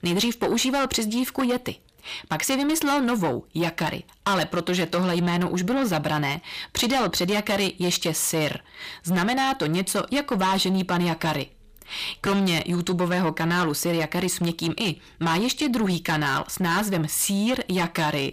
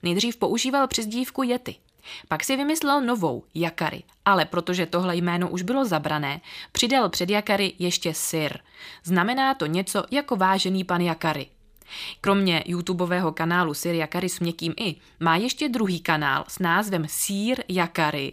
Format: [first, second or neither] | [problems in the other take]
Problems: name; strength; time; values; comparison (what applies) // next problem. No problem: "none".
second | distortion; heavy; 7 dB below the speech